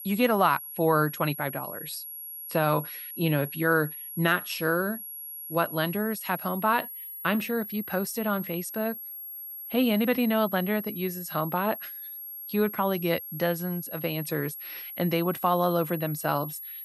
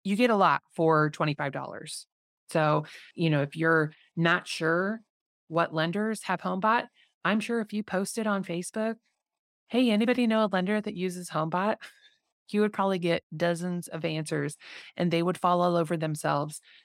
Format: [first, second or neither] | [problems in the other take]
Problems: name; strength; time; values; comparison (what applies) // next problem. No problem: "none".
second | high-pitched whine; loud; throughout; 11.5 kHz, 9 dB below the speech